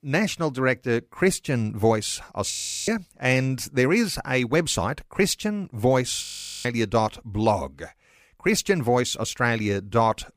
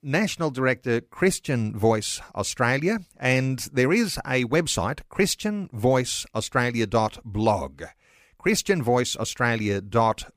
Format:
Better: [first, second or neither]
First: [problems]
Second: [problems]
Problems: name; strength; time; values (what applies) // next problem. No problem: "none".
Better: second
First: audio freezing; at 2.5 s and at 6 s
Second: none